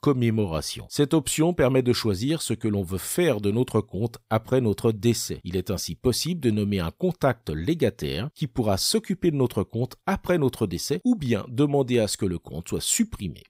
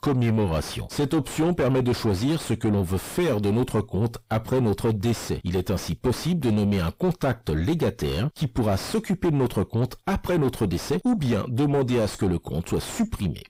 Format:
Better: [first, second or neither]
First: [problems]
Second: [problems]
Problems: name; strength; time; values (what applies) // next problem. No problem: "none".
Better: first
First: none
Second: distortion; heavy; 5 dB below the speech